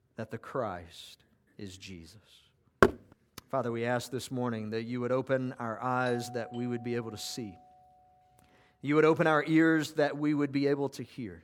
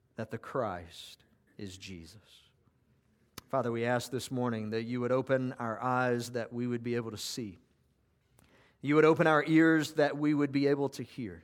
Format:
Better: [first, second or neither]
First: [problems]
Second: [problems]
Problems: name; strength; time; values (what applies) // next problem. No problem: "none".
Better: second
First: door banging; loud; at 3 s; peak 4 dB above the speech // doorbell; faint; from 6 to 8 s; peak 15 dB below the speech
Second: none